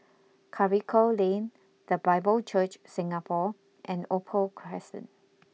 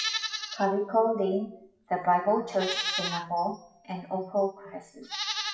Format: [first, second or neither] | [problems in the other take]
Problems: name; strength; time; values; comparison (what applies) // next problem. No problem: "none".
first | noise reduction (classical method WPE with log-MMSE)